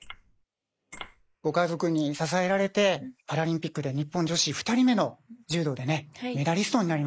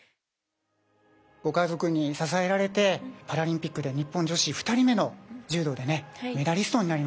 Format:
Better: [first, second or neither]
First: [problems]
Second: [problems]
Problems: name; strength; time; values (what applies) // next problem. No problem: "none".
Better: second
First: noise reduction (neural mask model Resemble Enhance denoiser)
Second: none